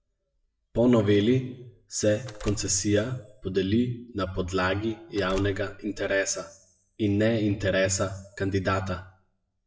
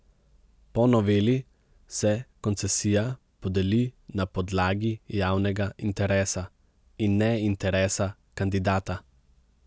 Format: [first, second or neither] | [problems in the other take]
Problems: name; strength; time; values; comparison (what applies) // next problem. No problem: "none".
second | noise reduction (classical method WPE with log-MMSE)